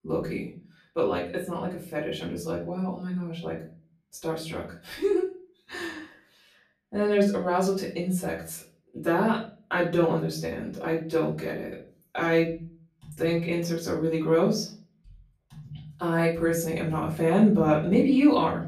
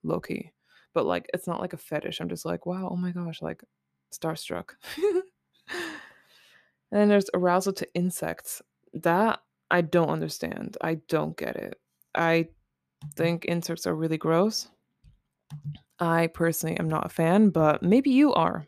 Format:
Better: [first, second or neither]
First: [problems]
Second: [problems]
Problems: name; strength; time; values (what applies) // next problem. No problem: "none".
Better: second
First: off-mic speech; far // room echo; slight; dies away in 0.4 s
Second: none